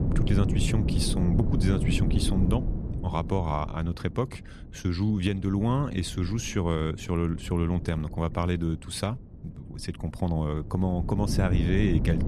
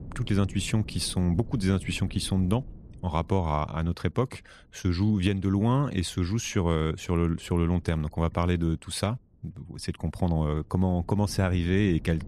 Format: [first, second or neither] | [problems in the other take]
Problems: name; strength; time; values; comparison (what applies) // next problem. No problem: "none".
second | wind noise on the microphone; heavy; 7 dB below the speech; occasional gusts in the second